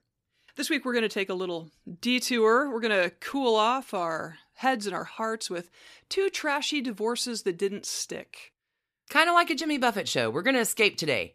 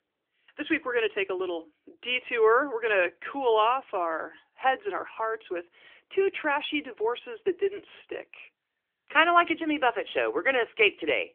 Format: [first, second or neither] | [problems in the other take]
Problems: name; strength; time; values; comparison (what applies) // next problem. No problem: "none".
first | phone-call audio; nothing above 3 kHz